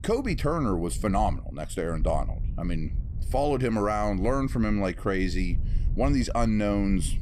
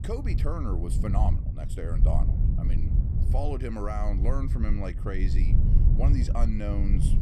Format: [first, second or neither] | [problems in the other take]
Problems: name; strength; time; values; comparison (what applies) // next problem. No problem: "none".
first | low rumble; loud; throughout; 6 dB below the speech; faint in the first